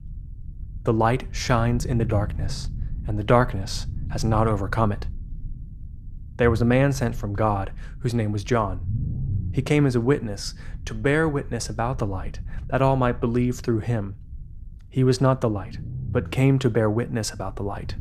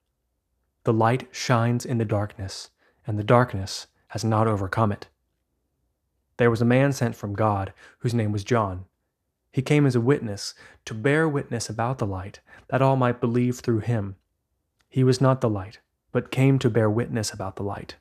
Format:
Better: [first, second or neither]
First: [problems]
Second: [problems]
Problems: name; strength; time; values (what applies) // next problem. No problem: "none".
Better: second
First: low rumble; faint; throughout; 25 dB below the speech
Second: none